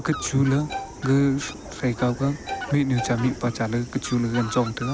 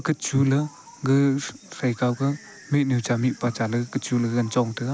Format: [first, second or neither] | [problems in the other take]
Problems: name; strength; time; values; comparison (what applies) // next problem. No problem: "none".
second | background sound (Fowl + Bowed string instrument); 11 dB below the speech